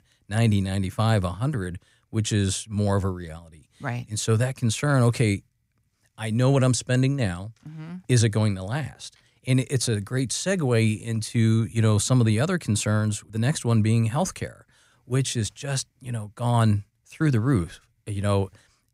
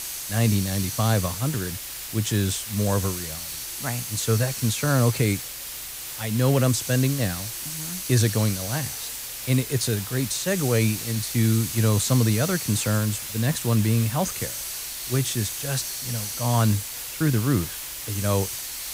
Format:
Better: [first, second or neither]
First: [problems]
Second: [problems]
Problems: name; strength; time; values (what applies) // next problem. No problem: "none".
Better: first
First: none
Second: hiss; loud; throughout; 6 dB below the speech